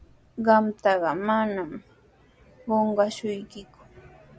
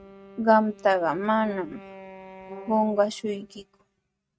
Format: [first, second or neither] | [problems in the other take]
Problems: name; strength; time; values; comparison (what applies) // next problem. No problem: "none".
first | noise reduction (neural mask model RNNoise)